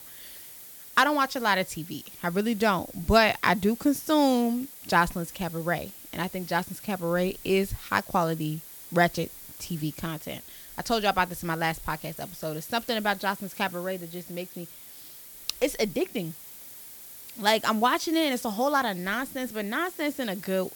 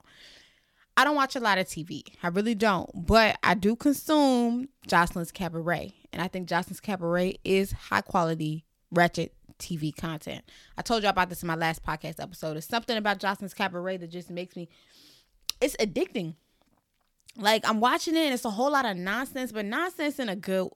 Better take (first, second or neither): second